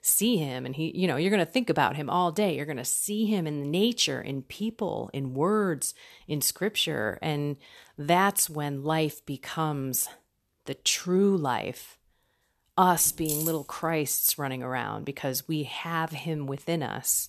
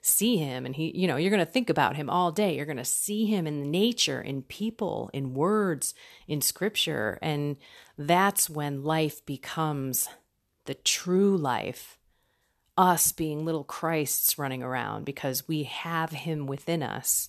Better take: second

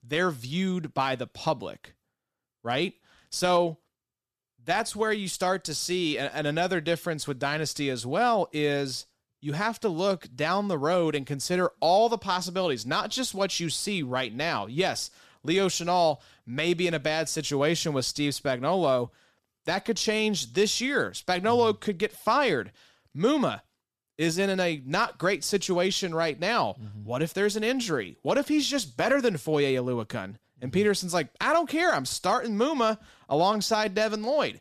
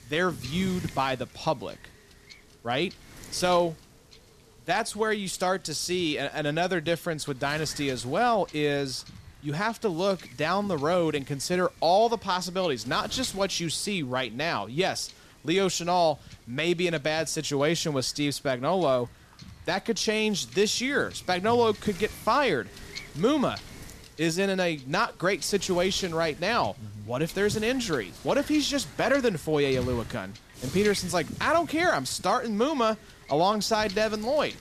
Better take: first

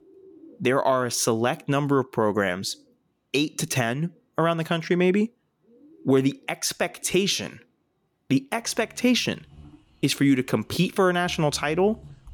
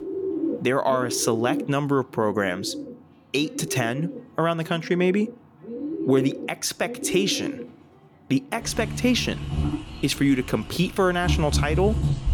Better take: first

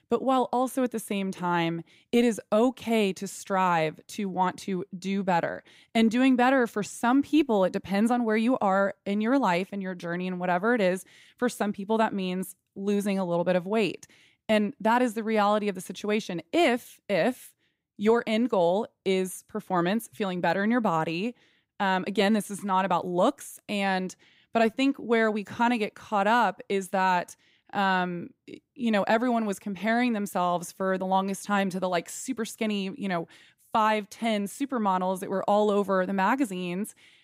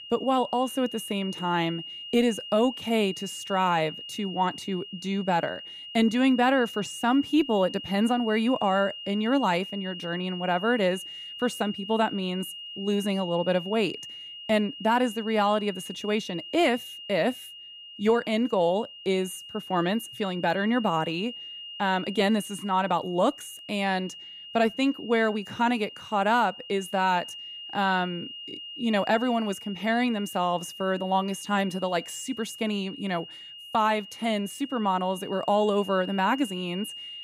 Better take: first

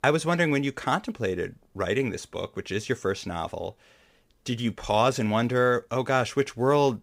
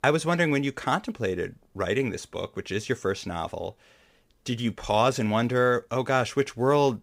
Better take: neither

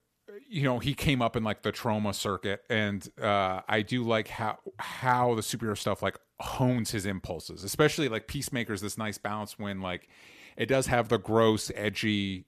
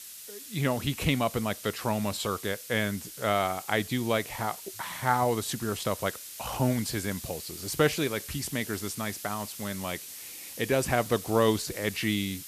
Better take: first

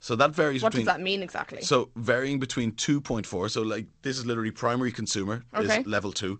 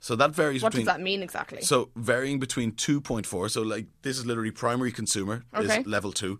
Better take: second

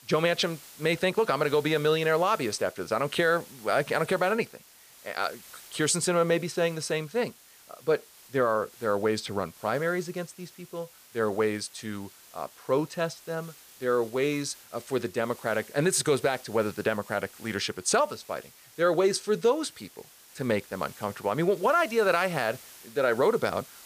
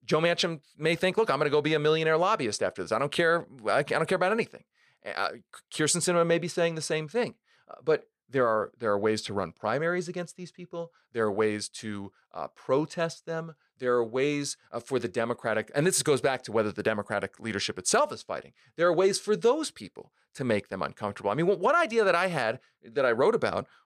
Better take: second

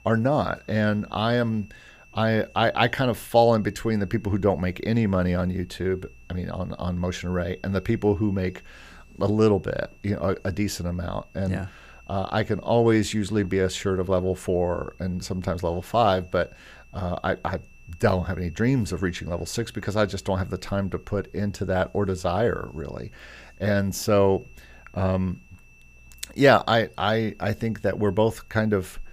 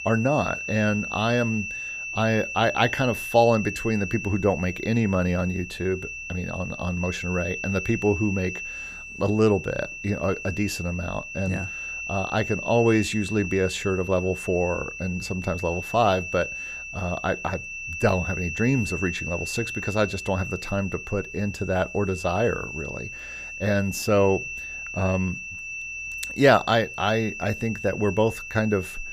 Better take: first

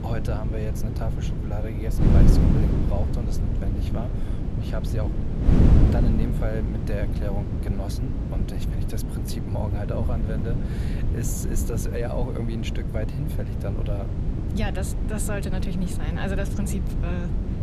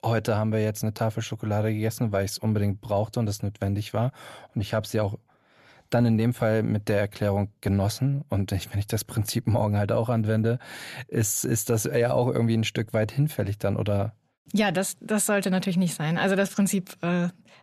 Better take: second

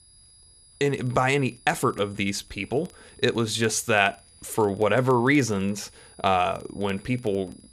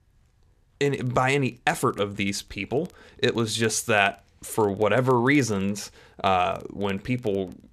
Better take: second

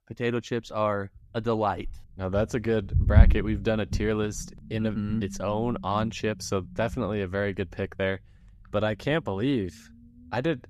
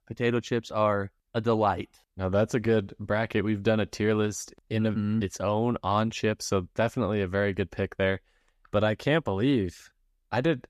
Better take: second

